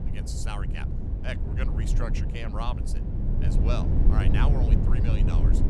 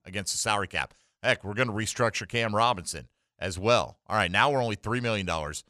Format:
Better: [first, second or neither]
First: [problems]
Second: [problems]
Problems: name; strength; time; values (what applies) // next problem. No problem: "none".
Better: second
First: low rumble; loud; throughout; 2 dB below the speech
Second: none